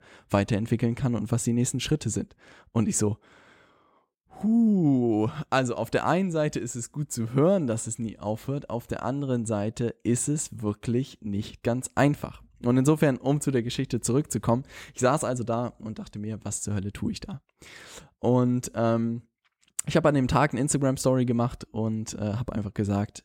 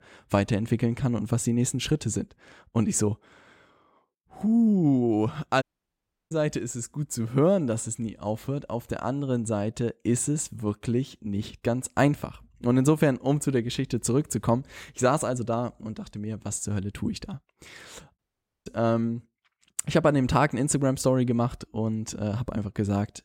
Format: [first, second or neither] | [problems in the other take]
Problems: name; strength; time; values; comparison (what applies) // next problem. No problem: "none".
first | audio cutting out; at 5.5 s for 0.5 s and at 18 s